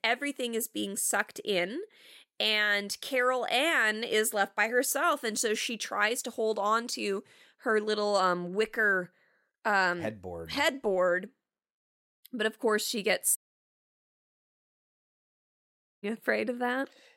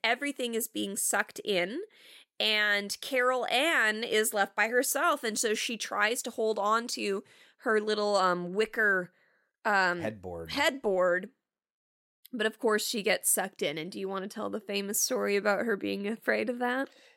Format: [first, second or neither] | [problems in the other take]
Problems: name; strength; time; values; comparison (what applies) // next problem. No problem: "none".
second | audio cutting out; at 13 s for 2.5 s